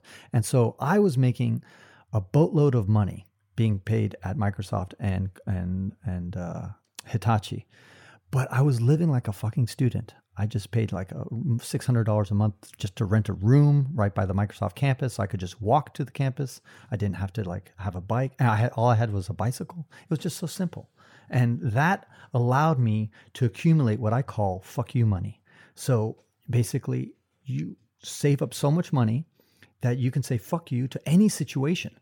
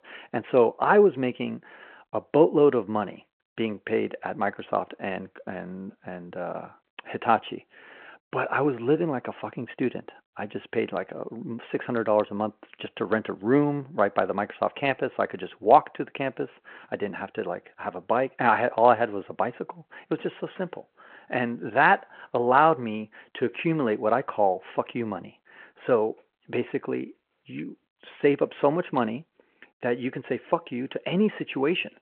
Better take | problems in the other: first | phone-call audio

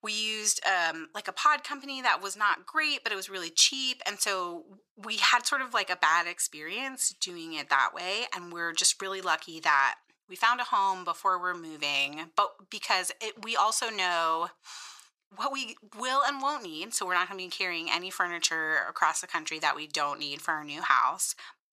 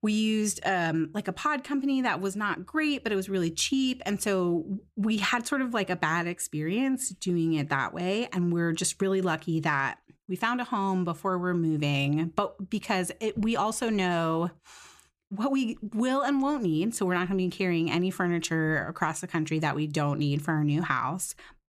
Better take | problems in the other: second | thin; very; fading below 800 Hz

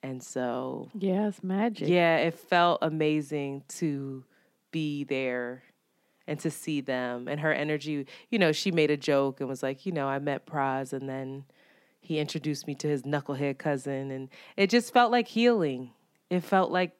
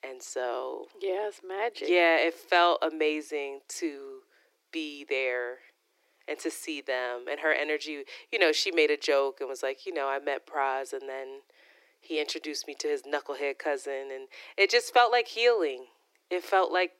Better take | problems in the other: first | thin; very; fading below 300 Hz

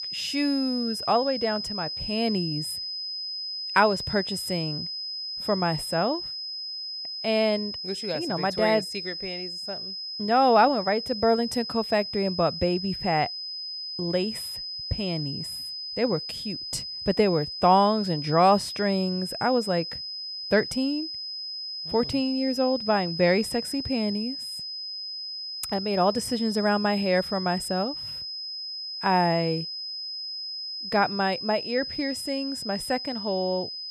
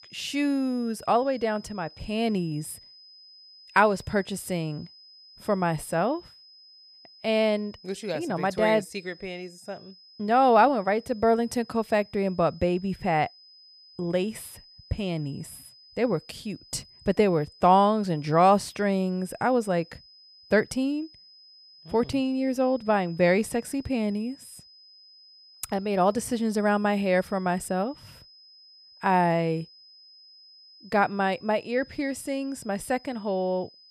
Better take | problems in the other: second | high-pitched whine; loud; throughout; 5 kHz, 6 dB below the speech; faint in the second

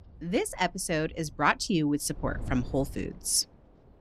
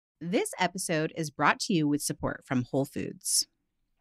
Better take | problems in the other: second | wind noise on the microphone; occasional gusts; 25 dB below the speech

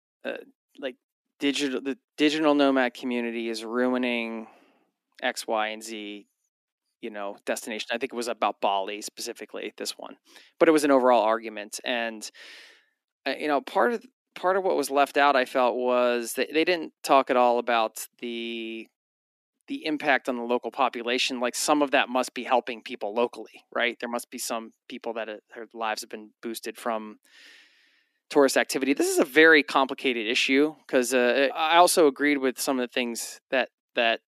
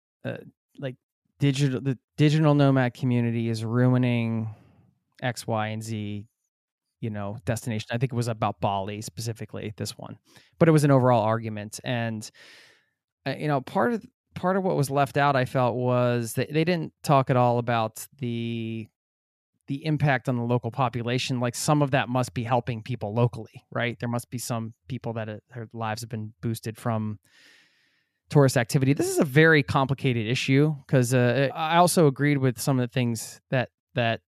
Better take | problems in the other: second | thin; somewhat; fading below 250 Hz

